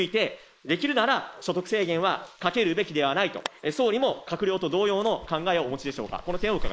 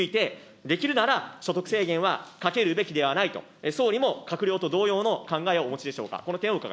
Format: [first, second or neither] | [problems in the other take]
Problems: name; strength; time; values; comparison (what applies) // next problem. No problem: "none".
second | noise reduction (neural mask model Resemble Enhance denoiser)